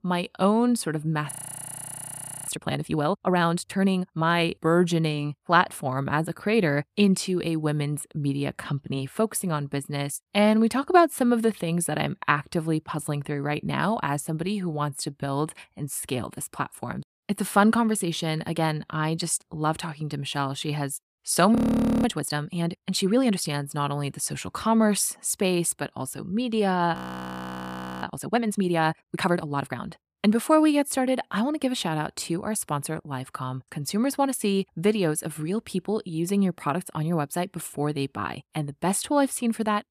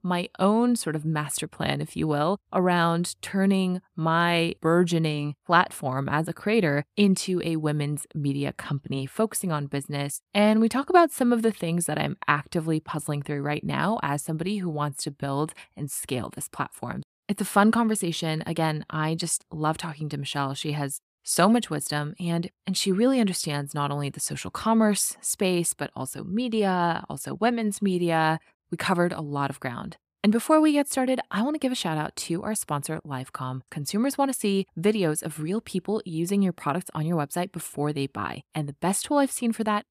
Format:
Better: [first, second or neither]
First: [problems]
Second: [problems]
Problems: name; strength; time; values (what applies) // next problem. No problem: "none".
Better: second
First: audio freezing; at 1.5 s for 1 s, at 22 s and at 27 s for 1 s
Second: none